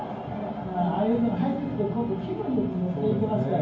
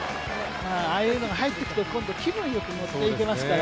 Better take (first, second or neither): second